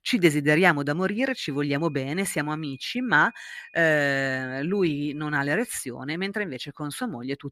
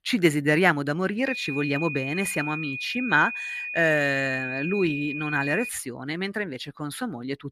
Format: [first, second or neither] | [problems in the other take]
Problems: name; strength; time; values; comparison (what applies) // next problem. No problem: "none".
first | high-pitched whine; loud; from 1.5 to 5.5 s; 2.5 kHz, 6 dB below the speech; faint in the first